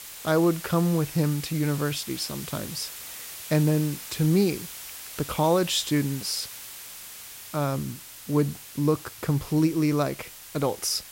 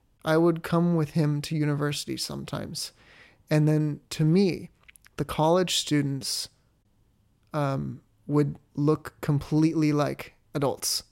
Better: second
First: hiss; noticeable; throughout; 10 dB below the speech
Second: none

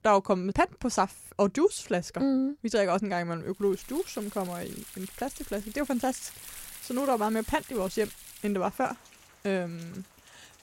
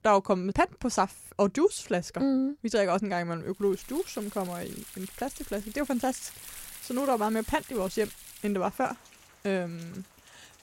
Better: neither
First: rain or running water; noticeable; from 3.5 s on; 15 dB below the speech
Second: rain or running water; noticeable; from 3.5 s on; 15 dB below the speech

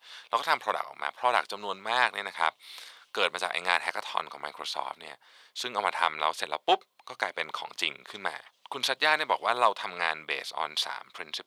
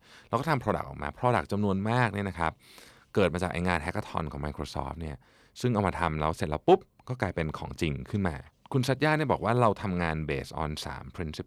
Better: second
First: thin; very; fading below 900 Hz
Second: none

